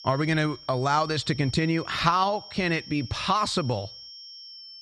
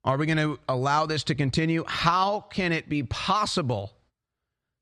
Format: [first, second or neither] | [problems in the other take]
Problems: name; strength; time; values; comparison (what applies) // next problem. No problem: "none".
second | high-pitched whine; noticeable; throughout; 5.5 kHz, 15 dB below the speech